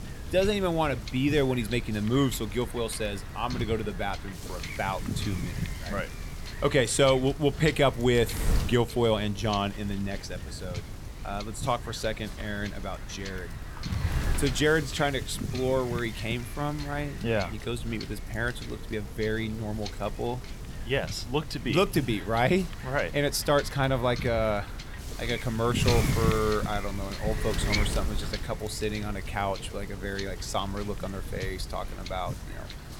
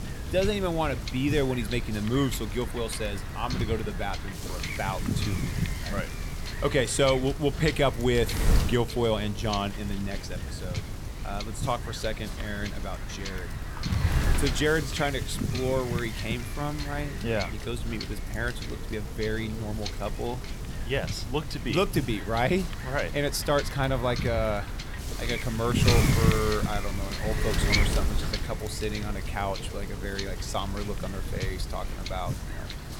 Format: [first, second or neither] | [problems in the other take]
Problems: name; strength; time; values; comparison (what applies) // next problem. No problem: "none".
first | wind noise on the microphone; heavy; 6 dB below the speech; occasional gusts in the first